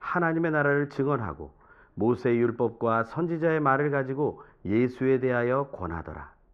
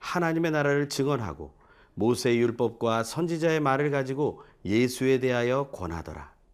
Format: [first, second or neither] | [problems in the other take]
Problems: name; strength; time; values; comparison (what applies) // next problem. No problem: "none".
second | muffled; very; fading above 4 kHz